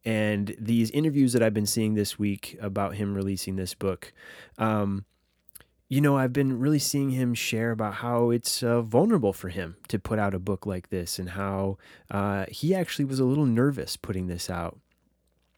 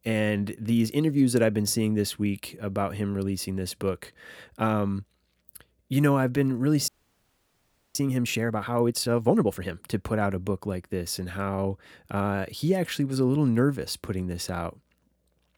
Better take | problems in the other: first | audio freezing; at 7 s for 1 s

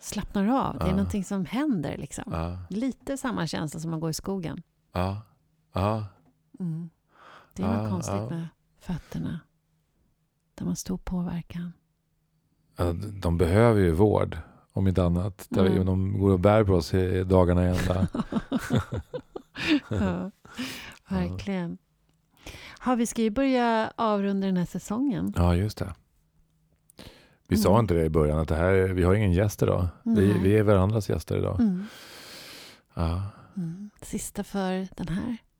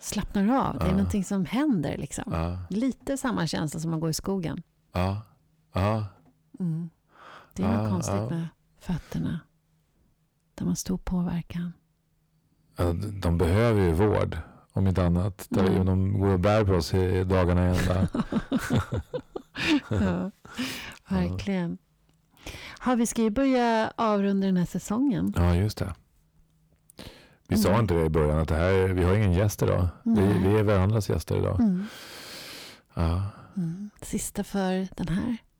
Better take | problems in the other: first | distortion; slight; 10 dB below the speech

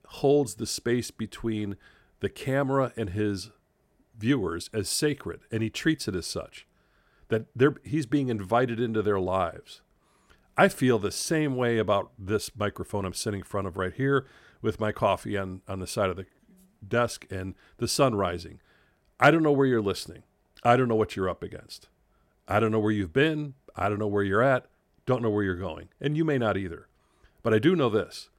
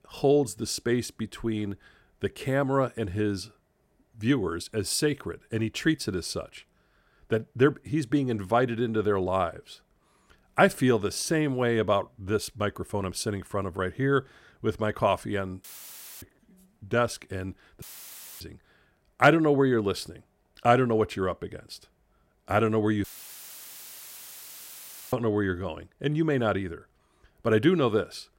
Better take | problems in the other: first | audio cutting out; filled with static; at 16 s for 0.5 s, at 18 s for 0.5 s and at 23 s for 2 s

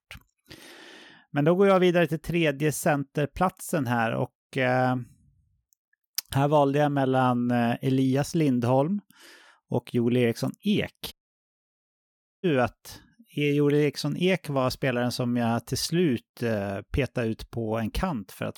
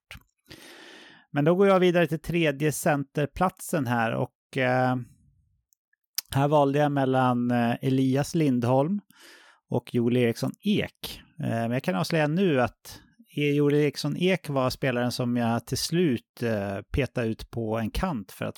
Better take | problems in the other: second | audio cutting out; at 11 s for 1.5 s

